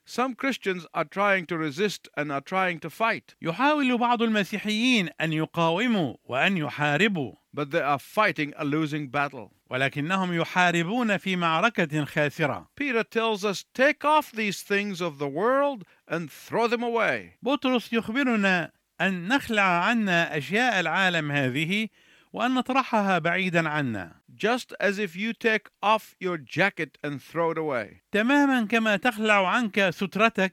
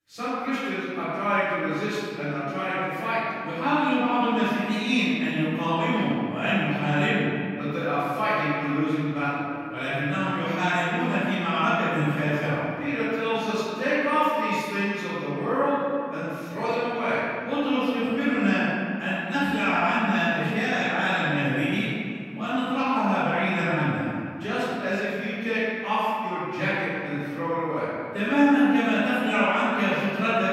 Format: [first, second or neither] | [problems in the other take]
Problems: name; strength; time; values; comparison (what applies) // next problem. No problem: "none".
first | room echo; strong; dies away in 2.3 s // off-mic speech; far